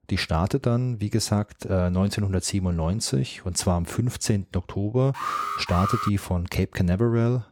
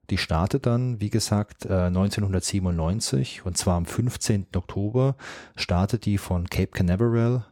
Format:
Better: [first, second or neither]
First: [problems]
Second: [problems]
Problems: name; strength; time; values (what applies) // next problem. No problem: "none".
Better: second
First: alarm; noticeable; at 5 s; peak 2 dB below the speech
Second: none